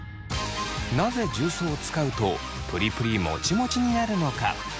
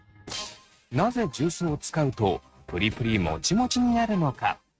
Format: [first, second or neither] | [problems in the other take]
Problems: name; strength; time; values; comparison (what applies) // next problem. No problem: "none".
first | noise reduction (neural mask model RNNoise)